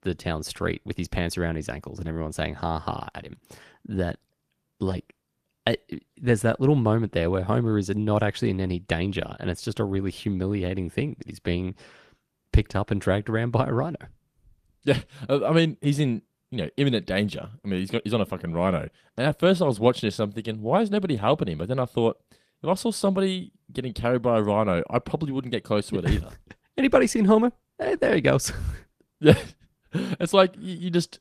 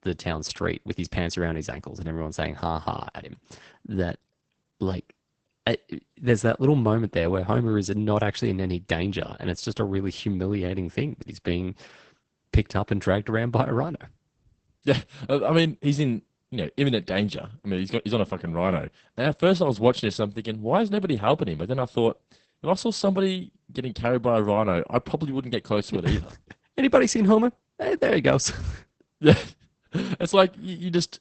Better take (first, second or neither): first